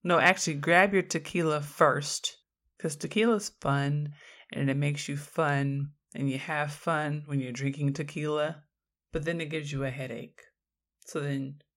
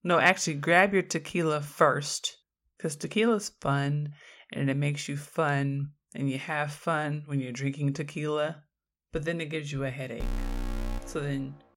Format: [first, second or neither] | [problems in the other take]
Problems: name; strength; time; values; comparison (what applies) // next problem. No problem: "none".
first | alarm; noticeable; from 10 s on; peak 7 dB below the speech